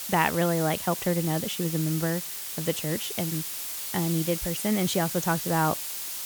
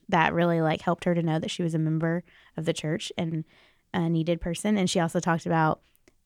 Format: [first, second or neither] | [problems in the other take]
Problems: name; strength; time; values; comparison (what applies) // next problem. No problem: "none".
second | hiss; loud; throughout; 4 dB below the speech